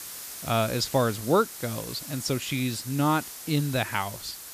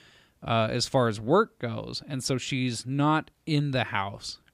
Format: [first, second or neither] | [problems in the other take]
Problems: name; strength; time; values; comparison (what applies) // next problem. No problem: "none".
second | hiss; noticeable; throughout; 10 dB below the speech